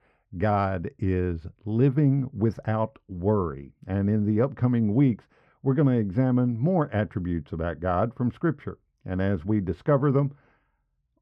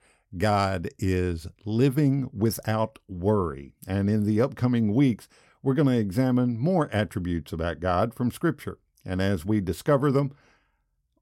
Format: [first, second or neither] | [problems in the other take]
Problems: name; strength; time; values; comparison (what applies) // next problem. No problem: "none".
second | muffled; very; fading above 2 kHz